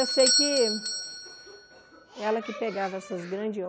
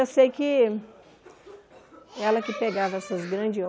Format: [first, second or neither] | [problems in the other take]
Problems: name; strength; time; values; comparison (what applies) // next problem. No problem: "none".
second | background sound (Bell / Doorbell); 1 dB below the speech